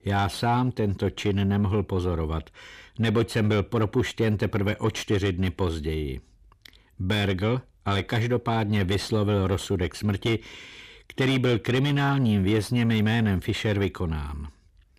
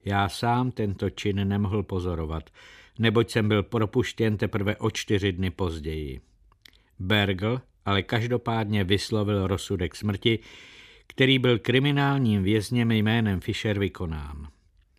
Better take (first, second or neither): second